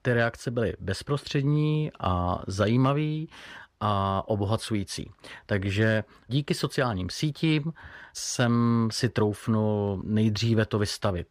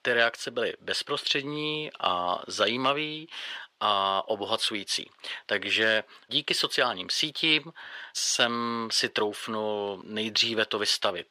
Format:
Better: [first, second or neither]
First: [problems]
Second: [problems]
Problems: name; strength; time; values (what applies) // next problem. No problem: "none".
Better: first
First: none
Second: thin; very; fading below 450 Hz